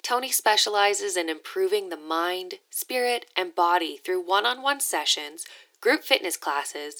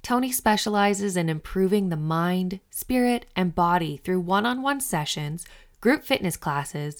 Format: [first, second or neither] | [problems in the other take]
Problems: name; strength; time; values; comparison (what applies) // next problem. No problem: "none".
second | thin; very; fading below 300 Hz